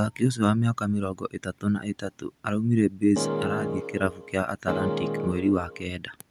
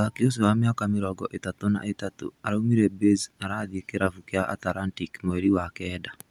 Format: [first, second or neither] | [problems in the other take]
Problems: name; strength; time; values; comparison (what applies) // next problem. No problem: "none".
second | background sound (Keyboard (musical)); 4 dB below the speech